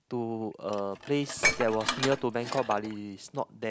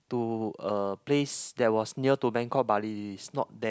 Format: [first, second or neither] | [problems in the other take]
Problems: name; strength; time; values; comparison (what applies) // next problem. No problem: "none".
second | background sound (Dishes, pots, and pans); 3 dB below the speech